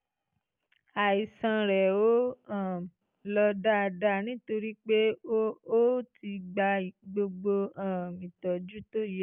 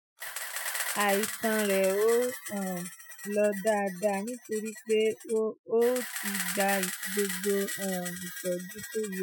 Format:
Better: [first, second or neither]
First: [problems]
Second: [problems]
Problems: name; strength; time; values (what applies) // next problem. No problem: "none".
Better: first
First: none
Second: noise reduction (classical method Wiener filter)